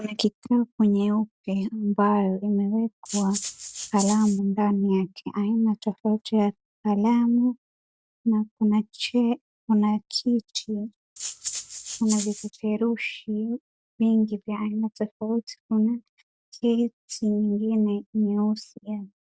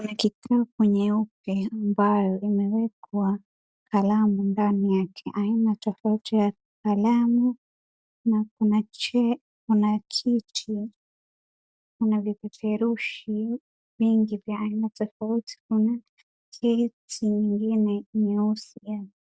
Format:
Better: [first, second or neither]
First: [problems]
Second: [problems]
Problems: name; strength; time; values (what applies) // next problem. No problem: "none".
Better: second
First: background sound (Rattle (instrument)); 9 dB below the speech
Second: none